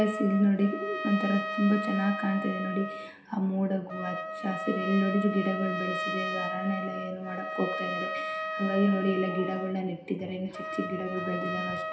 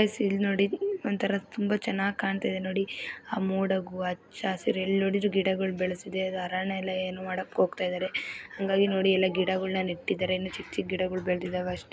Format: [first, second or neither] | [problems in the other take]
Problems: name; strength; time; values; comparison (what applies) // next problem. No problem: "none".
second | background sound (Trumpet); 6 dB below the speech // room echo; dies away in 0.7 s